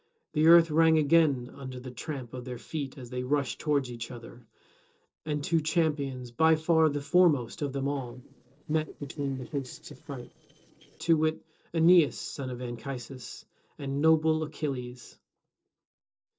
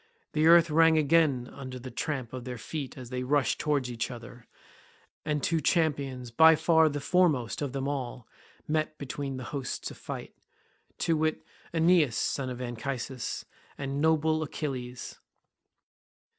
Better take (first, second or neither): second